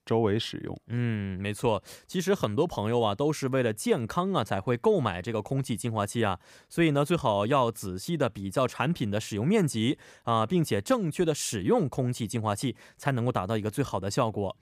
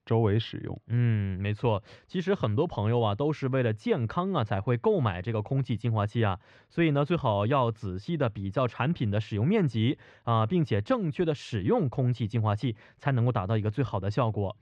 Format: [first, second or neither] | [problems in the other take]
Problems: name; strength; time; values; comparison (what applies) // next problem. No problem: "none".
first | muffled; slightly; fading above 3.5 kHz